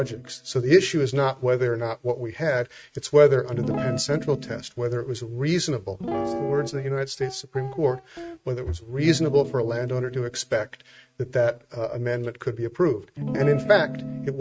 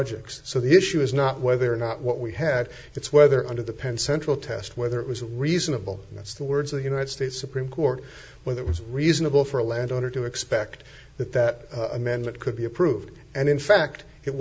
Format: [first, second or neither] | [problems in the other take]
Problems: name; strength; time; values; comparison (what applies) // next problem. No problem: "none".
second | noise reduction (neural mask model RNNoise)